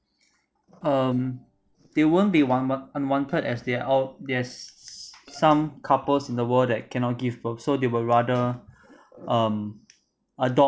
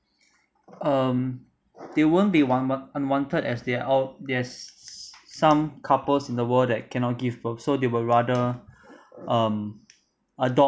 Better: second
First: noise reduction (neural separator model SepFormer DNS4)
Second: none

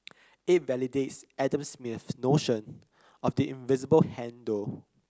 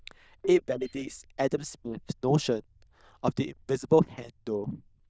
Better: first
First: none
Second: noise reduction (neural diffusion model UNIVERSE++)

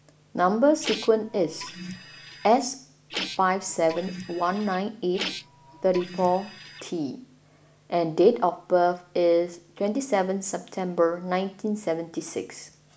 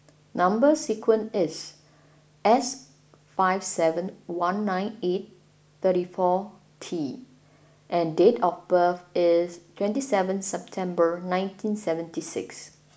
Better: second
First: background sound (Printer); 12 dB below the speech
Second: none

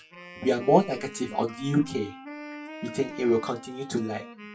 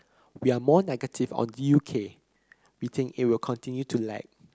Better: second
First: noise reduction (classical method WPE with log-MMSE)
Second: none

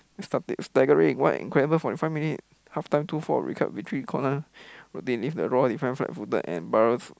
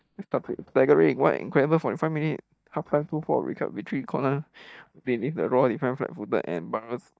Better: first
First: none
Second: noise reduction (neural mask model DeepFilterNet 3)

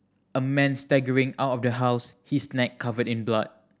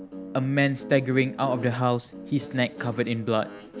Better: first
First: none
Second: background sound (Guitar); 14 dB below the speech

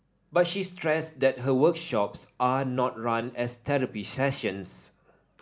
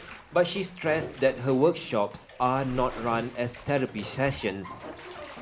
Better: first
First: none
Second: background sound (Bathtub (filling or washing)); 14 dB below the speech

